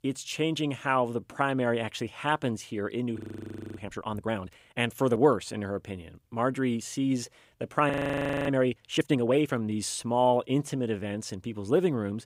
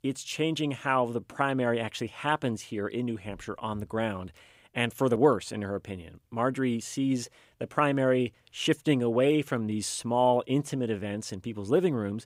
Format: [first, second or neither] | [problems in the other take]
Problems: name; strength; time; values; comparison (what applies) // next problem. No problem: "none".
second | audio freezing; at 3 s for 0.5 s and at 8 s for 0.5 s